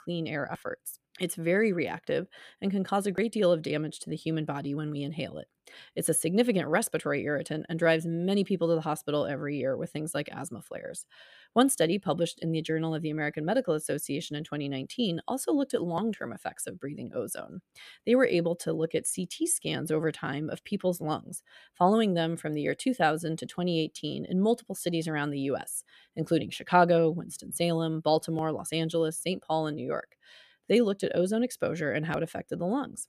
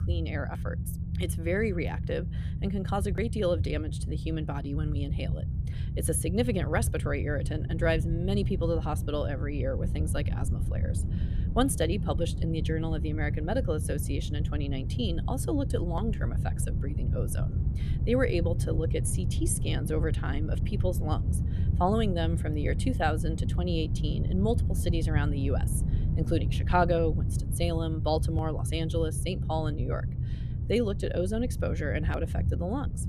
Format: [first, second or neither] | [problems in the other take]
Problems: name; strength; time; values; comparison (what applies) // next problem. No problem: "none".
first | low rumble; noticeable; throughout; 10 dB below the speech